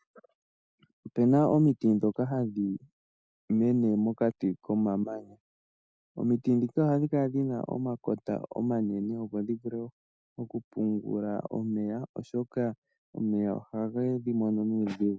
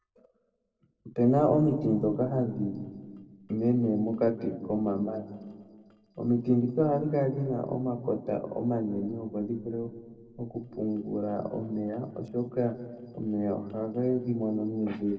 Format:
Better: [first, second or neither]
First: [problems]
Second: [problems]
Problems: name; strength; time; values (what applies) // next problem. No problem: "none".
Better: first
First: none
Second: noise reduction (neural separator model SepFormer DNS4)